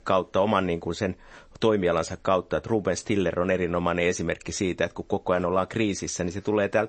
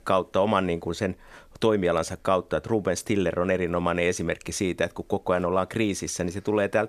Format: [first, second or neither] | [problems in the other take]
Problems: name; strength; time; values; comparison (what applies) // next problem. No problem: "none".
second | garbled, watery; slightly; nothing above 8 kHz